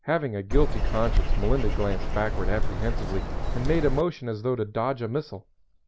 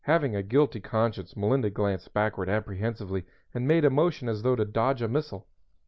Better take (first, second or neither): second